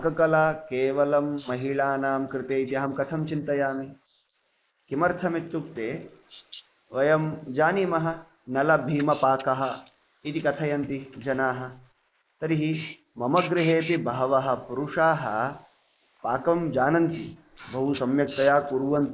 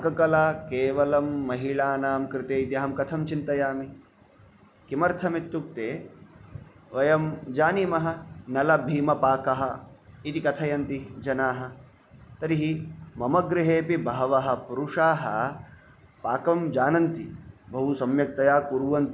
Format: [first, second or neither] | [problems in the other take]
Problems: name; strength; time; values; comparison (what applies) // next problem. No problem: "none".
second | noise reduction (neural mask model Resemble Enhance denoiser)